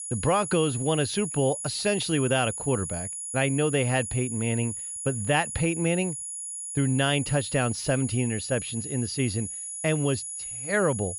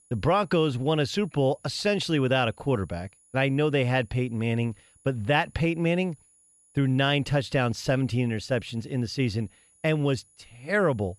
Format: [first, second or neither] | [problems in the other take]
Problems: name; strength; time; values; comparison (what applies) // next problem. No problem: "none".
second | high-pitched whine; loud; throughout; 10.5 kHz, 6 dB below the speech; faint in the second